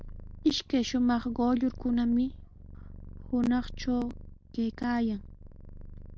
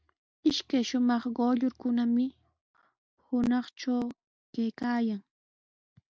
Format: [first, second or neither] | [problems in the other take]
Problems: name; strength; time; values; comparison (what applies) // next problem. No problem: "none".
second | background sound (Purr); 13 dB below the speech